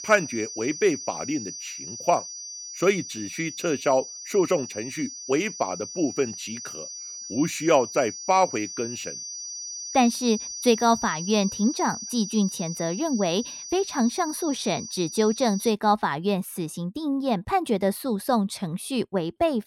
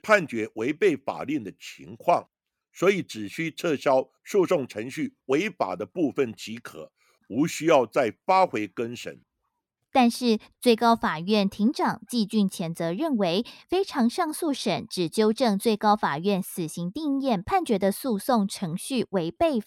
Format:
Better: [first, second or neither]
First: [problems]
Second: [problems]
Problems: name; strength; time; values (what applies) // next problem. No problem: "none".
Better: second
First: high-pitched whine; loud; until 16 s; 6 kHz, 9 dB below the speech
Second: none